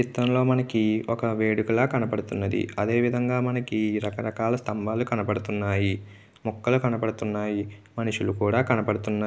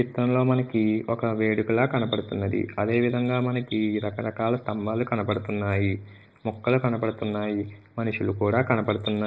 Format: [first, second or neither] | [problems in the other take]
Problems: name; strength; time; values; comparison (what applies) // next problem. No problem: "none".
first | noise reduction (neural mask model Resemble Enhance denoiser)